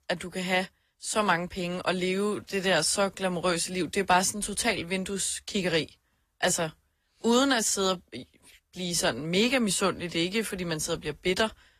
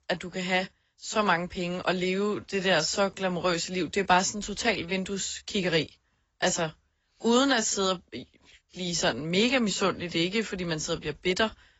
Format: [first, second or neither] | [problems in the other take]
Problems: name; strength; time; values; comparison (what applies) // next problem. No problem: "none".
first | garbled, watery; badly; nothing above 7.5 kHz; slightly in the first